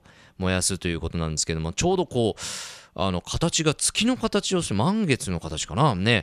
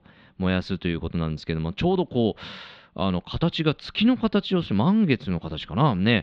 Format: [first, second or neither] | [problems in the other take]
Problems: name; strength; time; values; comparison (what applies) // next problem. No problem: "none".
first | muffled; slightly; fading above 4 kHz